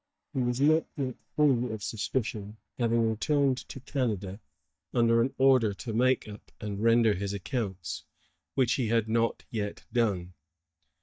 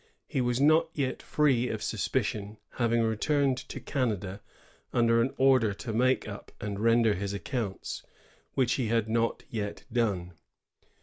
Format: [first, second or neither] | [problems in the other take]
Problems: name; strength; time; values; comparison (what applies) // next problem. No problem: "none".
second | noise reduction (neural mask model DeepFilterNet 3)